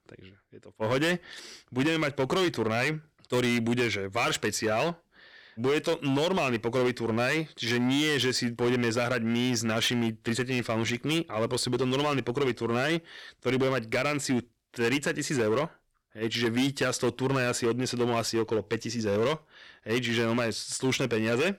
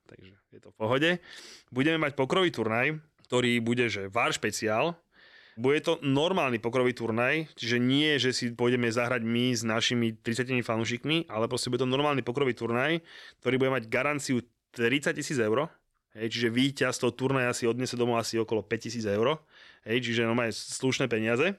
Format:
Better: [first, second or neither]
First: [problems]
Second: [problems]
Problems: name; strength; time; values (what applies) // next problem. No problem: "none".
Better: second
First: distortion; slight; 12% of the sound clipped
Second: none